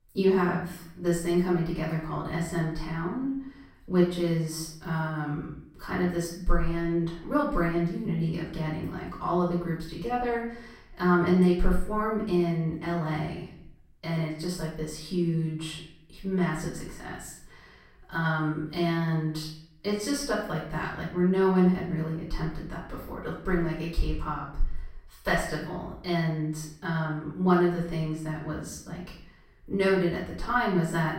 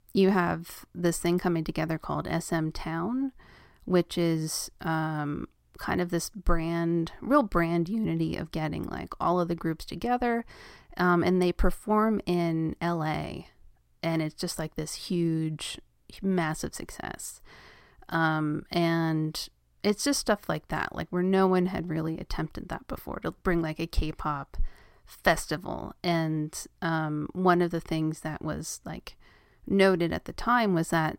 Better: second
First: off-mic speech; far // room echo; noticeable; dies away in 0.6 s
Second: none

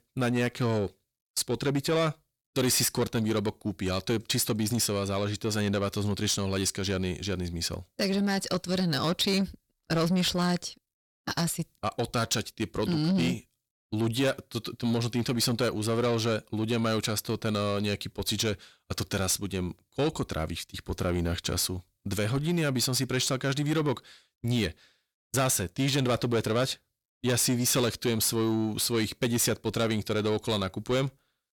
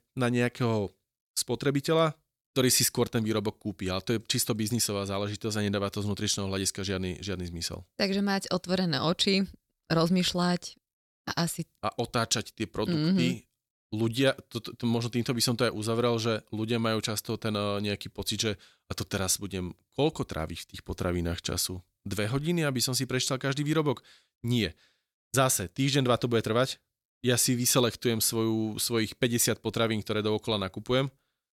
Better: second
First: distortion; slight; 10 dB below the speech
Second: none

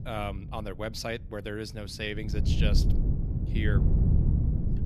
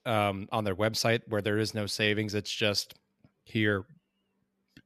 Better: second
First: wind noise on the microphone; heavy; 4 dB below the speech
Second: none

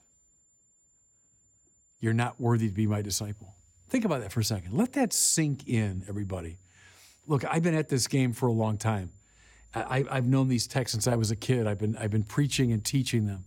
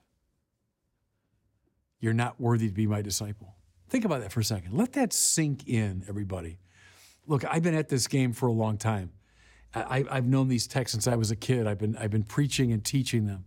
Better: second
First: high-pitched whine; faint; throughout; 7 kHz, 35 dB below the speech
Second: none

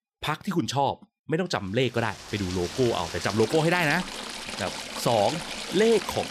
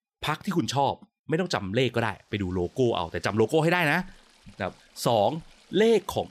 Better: second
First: rain or running water; loud; from 2.5 s on; 8 dB below the speech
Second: rain or running water; faint; from 2.5 s on; 30 dB below the speech

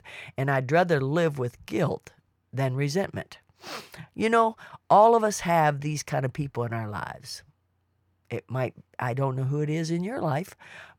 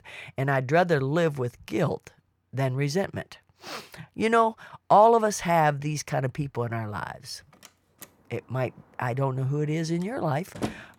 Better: first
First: none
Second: door banging; noticeable; from 7.5 s on; peak 9 dB below the speech

